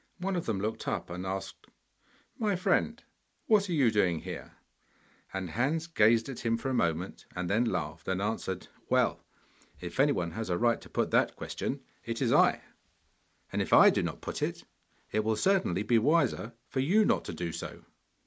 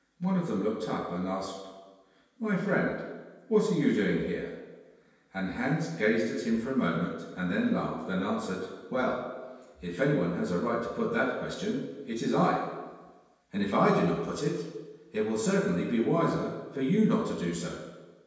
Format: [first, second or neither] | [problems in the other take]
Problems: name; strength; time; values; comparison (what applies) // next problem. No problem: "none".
first | room echo; dies away in 1.2 s